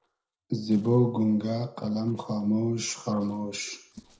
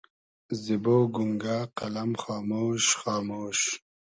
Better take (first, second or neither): second